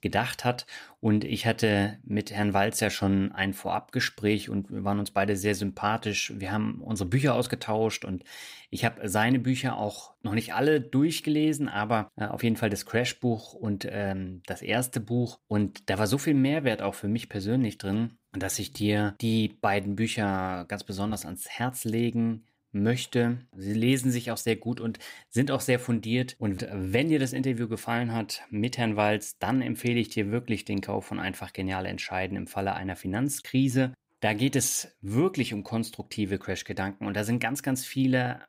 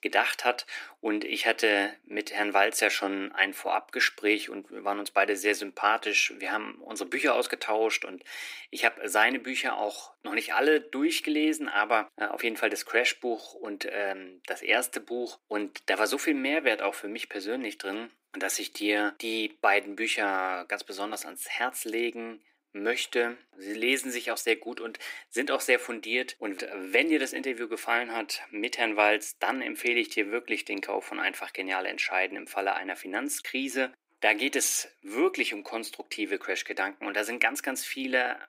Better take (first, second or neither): first